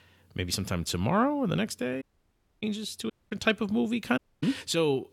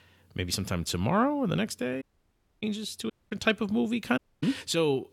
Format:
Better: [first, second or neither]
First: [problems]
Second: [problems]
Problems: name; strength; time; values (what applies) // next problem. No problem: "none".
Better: neither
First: audio cutting out; at 2 s for 0.5 s, at 3 s and at 4 s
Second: audio cutting out; at 2 s for 0.5 s, at 3 s and at 4 s